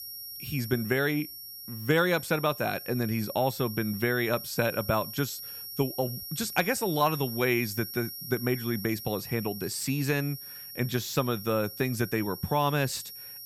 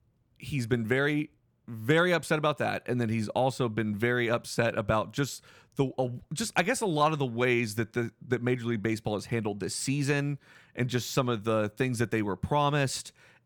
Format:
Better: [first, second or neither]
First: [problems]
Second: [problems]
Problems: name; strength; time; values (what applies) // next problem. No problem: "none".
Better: second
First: high-pitched whine; loud; throughout; 12 kHz, 9 dB below the speech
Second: none